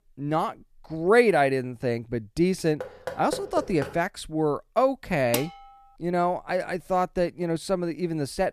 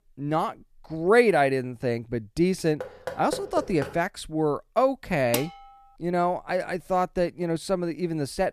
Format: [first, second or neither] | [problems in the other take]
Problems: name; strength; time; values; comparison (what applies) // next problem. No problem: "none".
neither | door banging; noticeable; from 3 to 4 s; peak 9 dB below the speech; the same in both // clattering dishes; noticeable; at 5.5 s; peak 6 dB below the speech; the same in both